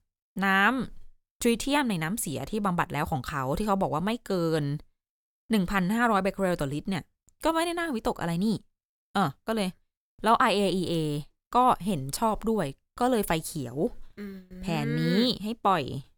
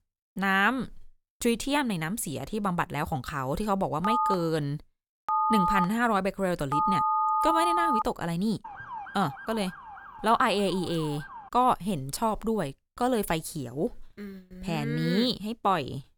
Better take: first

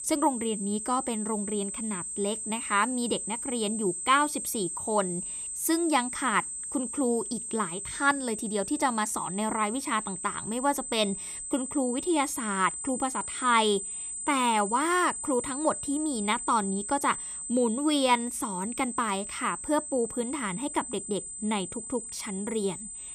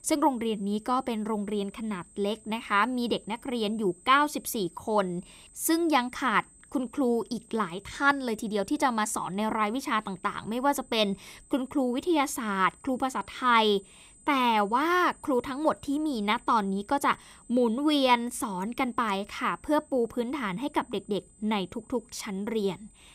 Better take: second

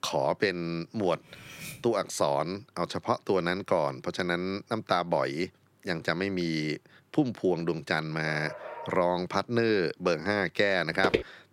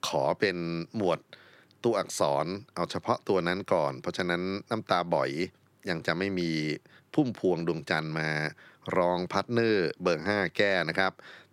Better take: second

